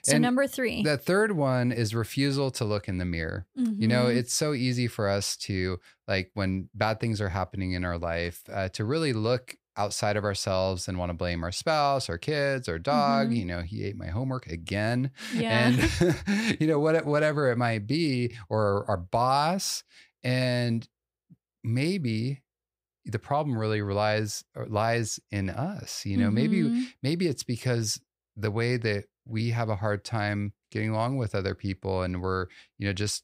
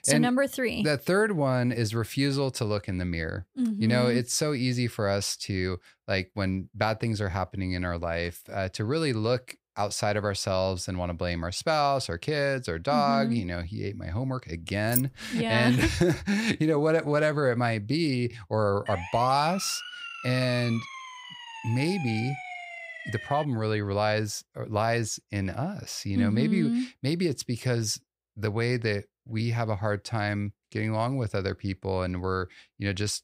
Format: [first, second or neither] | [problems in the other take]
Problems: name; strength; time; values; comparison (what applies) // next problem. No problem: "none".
first | jangling keys; noticeable; at 15 s; peak 1 dB below the speech // siren; noticeable; from 19 to 23 s; peak 8 dB below the speech